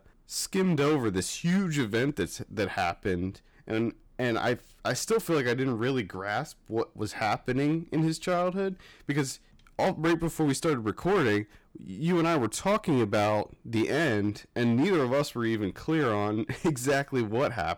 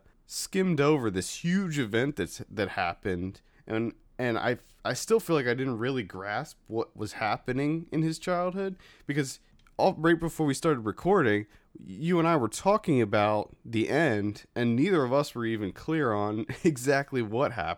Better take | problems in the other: second | distortion; slight; 8% of the sound clipped

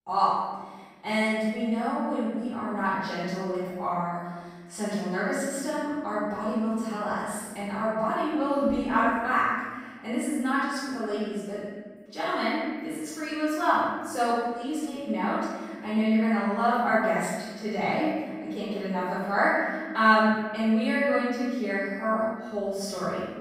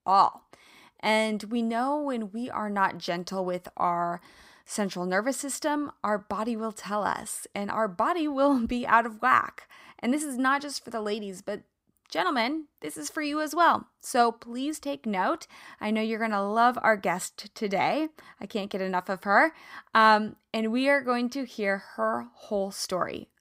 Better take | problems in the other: second | room echo; strong; dies away in 1.4 s // off-mic speech; far

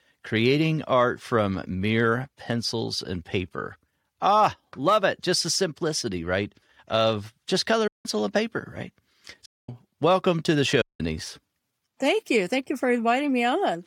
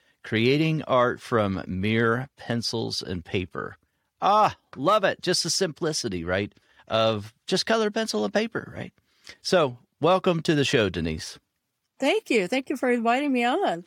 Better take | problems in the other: second | audio cutting out; at 8 s, at 9.5 s and at 11 s

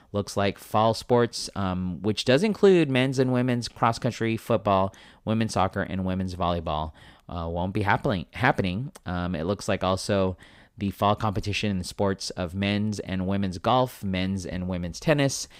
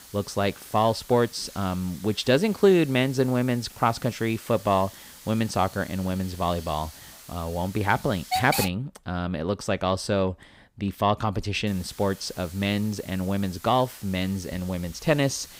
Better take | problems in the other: first | hiss; noticeable; until 8.5 s and from 12 s on; 15 dB below the speech

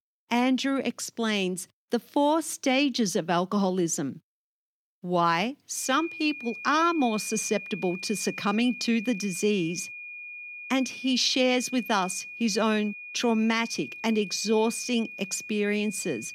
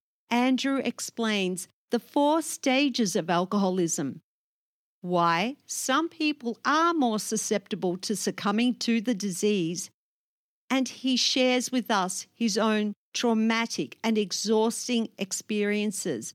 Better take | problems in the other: second | high-pitched whine; noticeable; from 6 s on; 2.5 kHz, 10 dB below the speech

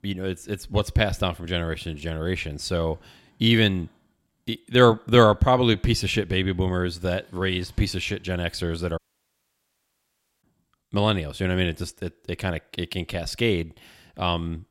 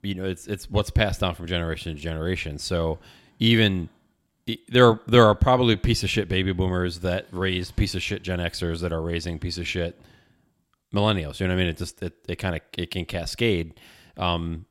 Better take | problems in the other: second | audio cutting out; at 9 s for 1.5 s

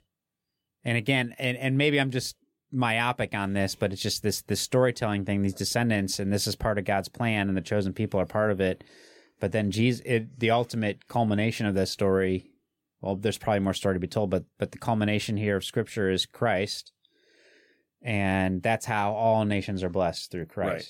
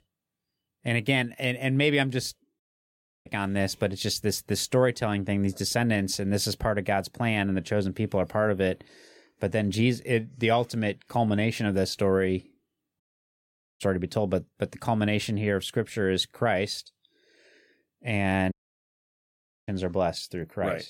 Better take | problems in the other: first | audio cutting out; at 2.5 s for 0.5 s, at 13 s for 1 s and at 19 s for 1 s

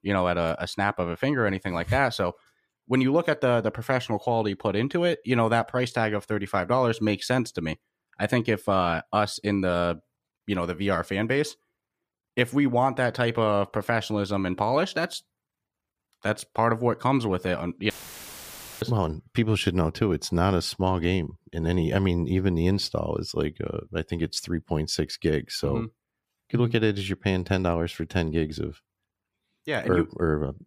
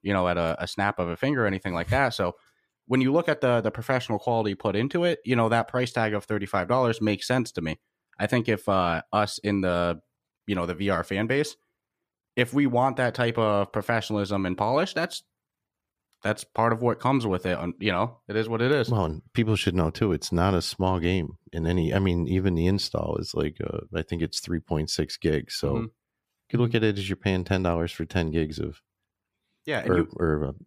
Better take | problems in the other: second | audio cutting out; filled with static; at 18 s for 1 s

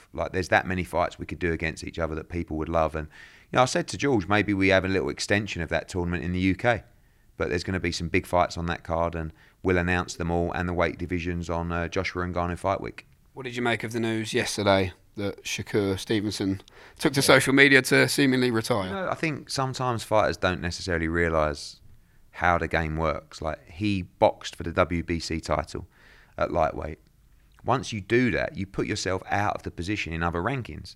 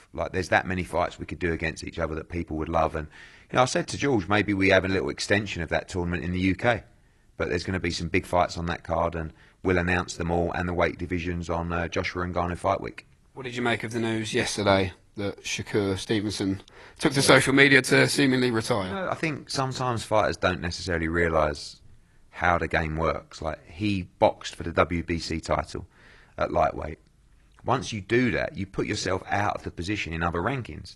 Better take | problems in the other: first | garbled, watery; slightly; nothing above 11.5 kHz

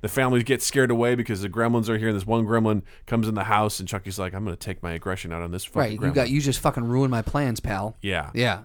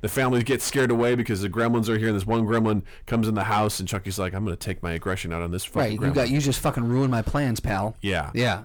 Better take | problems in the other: first | distortion; slight; 10 dB below the speech

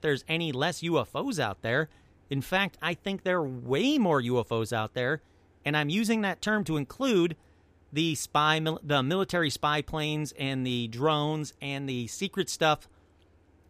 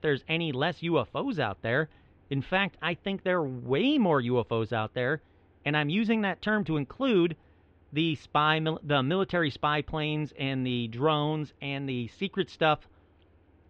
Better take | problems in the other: first | muffled; very; fading above 3 kHz

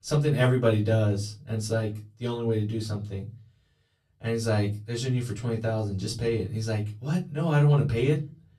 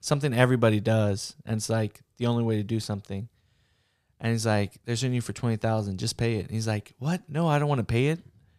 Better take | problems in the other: second | off-mic speech; far // room echo; very slight; dies away in 0.3 s

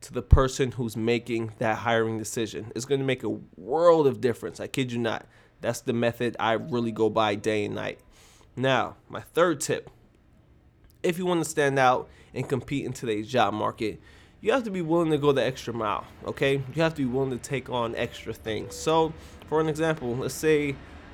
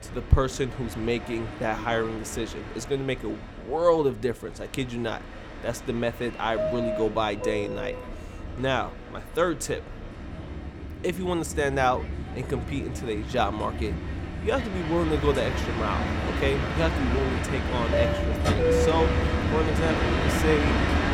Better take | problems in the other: first | train or aircraft noise; loud; throughout; 1 dB below the speech; faint in the first

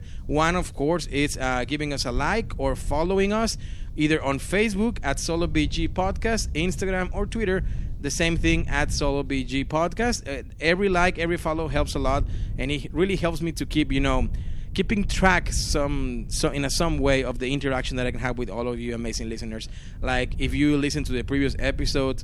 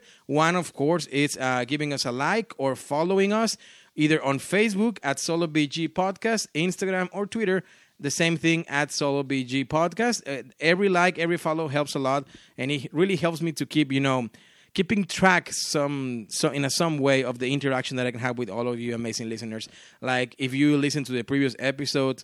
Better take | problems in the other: second | low rumble; faint; throughout; 25 dB below the speech

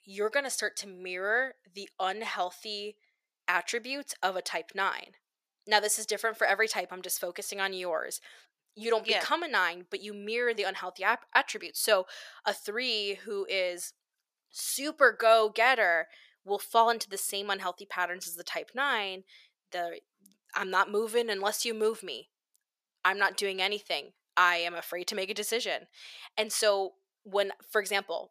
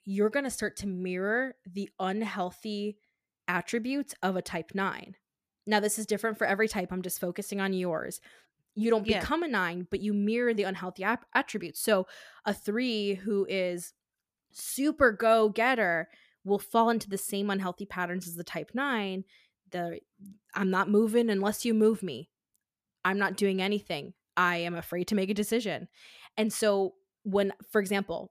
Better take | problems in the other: second | thin; very; fading below 600 Hz

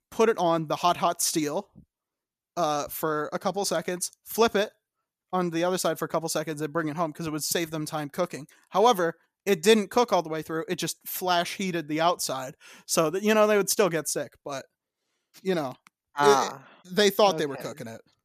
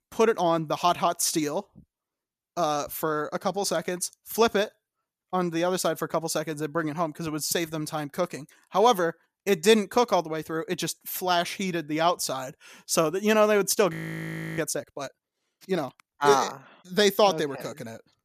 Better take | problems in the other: first | audio freezing; at 14 s for 0.5 s

